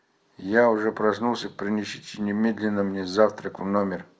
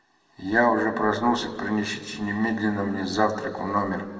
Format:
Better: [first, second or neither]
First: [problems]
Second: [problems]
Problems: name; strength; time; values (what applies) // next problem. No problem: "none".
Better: first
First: none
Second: room echo; dies away in 2.4 s